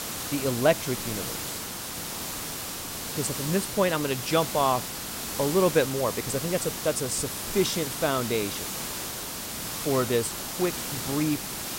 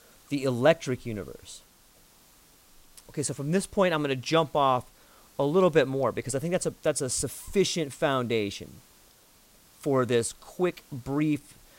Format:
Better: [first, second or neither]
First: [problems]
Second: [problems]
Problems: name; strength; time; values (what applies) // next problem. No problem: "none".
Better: second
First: hiss; loud; throughout; 4 dB below the speech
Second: hiss; faint; throughout; 30 dB below the speech